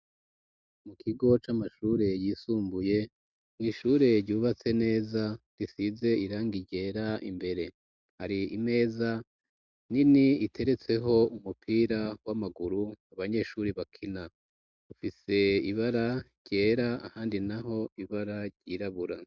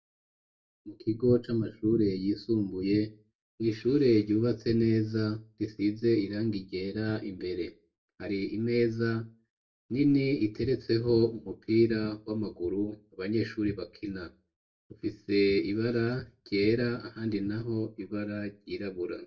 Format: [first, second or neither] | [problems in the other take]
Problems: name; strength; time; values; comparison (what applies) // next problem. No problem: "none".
first | room echo; dies away in 0.2 s